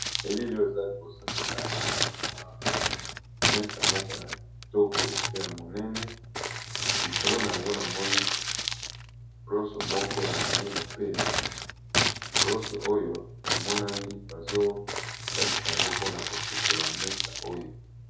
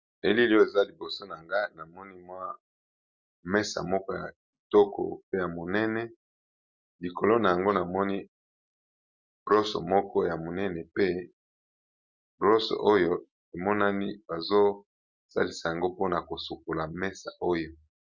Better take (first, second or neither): second